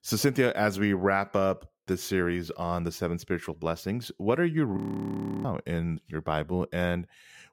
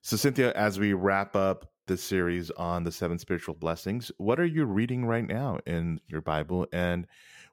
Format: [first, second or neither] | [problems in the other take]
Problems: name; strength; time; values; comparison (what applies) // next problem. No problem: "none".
second | audio freezing; at 5 s for 0.5 s